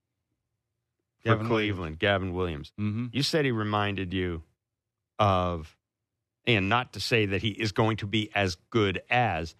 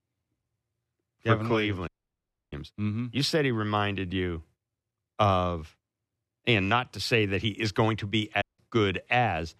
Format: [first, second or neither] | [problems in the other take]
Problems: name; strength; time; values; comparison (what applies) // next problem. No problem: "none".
first | audio cutting out; at 2 s for 0.5 s and at 8.5 s